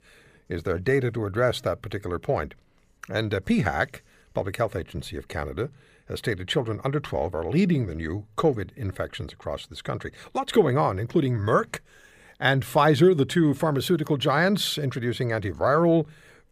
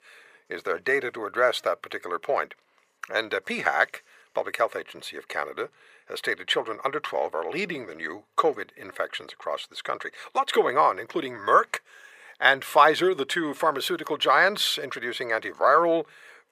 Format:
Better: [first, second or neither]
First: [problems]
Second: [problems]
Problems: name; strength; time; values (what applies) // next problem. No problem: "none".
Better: first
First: none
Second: thin; very; fading below 550 Hz